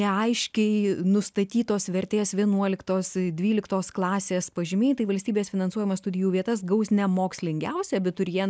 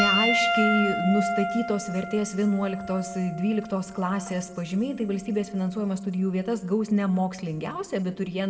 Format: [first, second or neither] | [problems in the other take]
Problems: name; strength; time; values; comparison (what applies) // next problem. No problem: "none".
first | background sound (Piano); 5 dB below the speech // room echo; dies away in 1.5 s